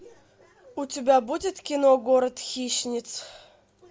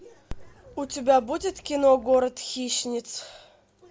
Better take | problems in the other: first | background sound (Dog); 17 dB below the speech

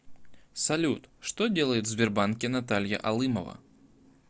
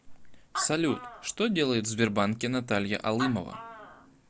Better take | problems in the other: first | background sound (Animal); 13 dB below the speech

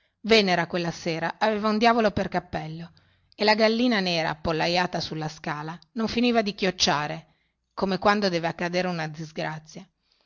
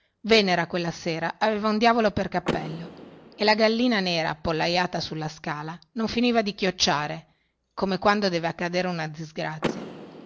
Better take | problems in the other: first | background sound (Door / Car); 15 dB below the speech

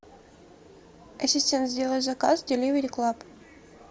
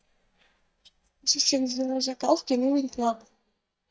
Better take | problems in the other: first | noise reduction (neural mask model DeepFilterNet 3)

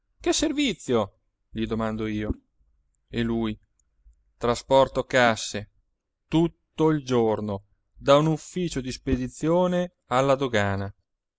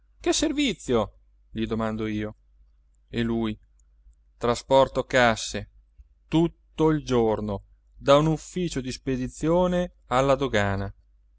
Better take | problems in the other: second | noise reduction (neural mask model Resemble Enhance denoiser)

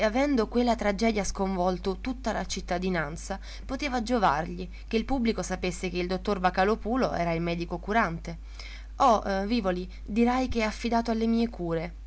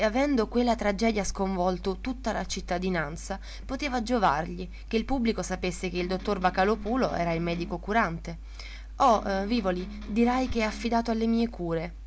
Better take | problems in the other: first | background sound (Electric guitar); 16 dB below the speech

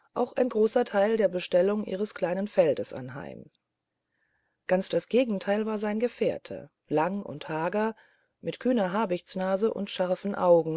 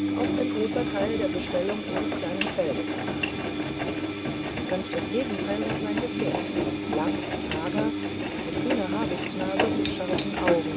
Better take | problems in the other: first | background sound (Engine); 4 dB above the speech

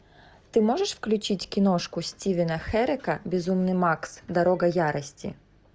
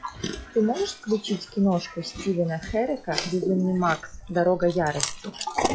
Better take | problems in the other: first | noise reduction (classical method log-MMSE)

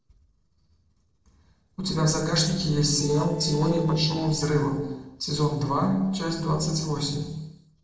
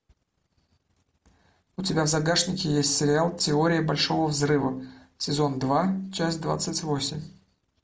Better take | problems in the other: second | noise reduction (neural separator model SepFormer DNS4)

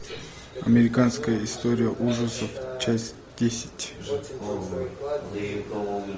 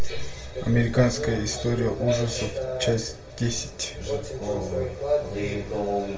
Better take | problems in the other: first | room echo; dies away in 0.2 s

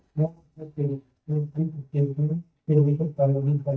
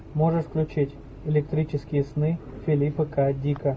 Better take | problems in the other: second | noise reduction (neural mask model DeepFilterNet 3)

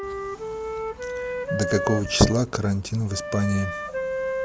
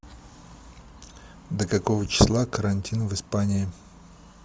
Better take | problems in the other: second | background sound (Wind instrument, woodwind instrument); 5 dB below the speech

